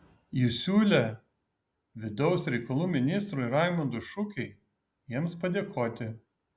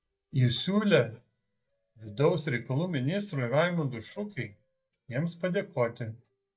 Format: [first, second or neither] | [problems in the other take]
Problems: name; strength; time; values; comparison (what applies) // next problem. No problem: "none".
first | noise reduction (neural mask model DeepFilterNet 3)